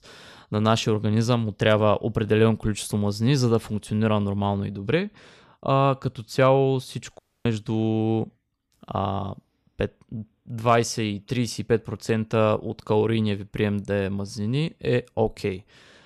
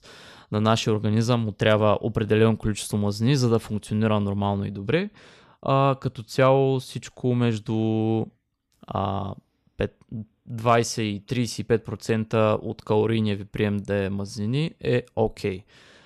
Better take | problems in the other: second | audio cutting out; at 7 s

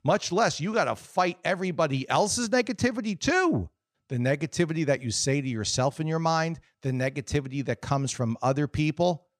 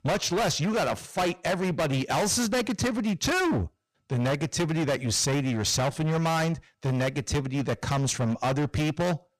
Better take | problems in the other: first | distortion; heavy; 27% of the sound clipped

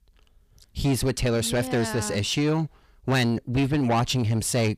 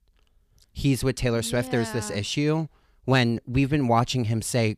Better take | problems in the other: second | distortion; slight; 10 dB below the speech

